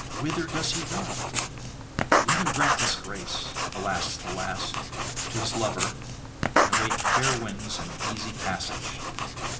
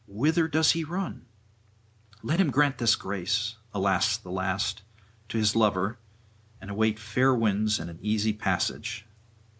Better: second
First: background sound (Writing); 5 dB above the speech // room echo; dies away in 0.7 s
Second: none

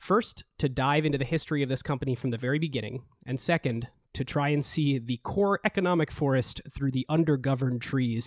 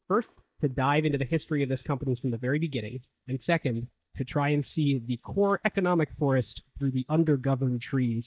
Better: first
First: none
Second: noise reduction (neural mask model DeepFilterNet 3)

